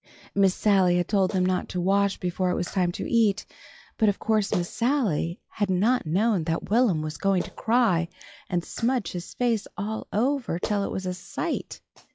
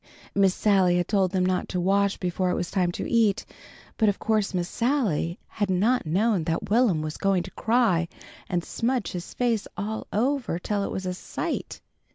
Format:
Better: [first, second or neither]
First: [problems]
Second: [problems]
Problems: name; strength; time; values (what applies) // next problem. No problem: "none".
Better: second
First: noise reduction (classical method log-MMSE)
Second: none